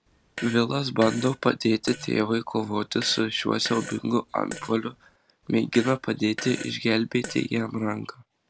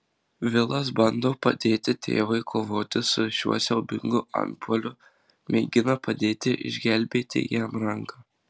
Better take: second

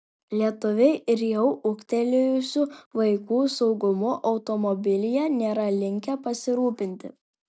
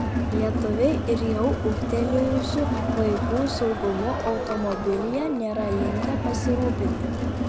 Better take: first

